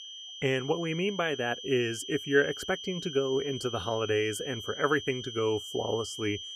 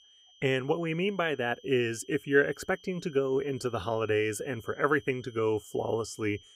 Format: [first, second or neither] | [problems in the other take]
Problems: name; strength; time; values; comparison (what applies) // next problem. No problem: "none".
second | high-pitched whine; loud; throughout; 3 kHz, 9 dB below the speech; faint in the second